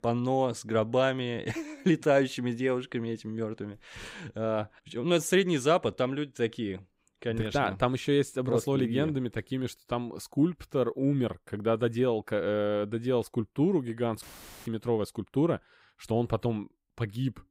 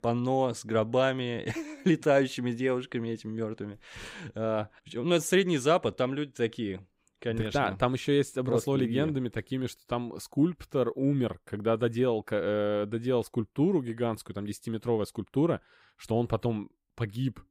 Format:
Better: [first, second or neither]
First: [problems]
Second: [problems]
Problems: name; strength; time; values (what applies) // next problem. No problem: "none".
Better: second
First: audio cutting out; filled with static; at 14 s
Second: none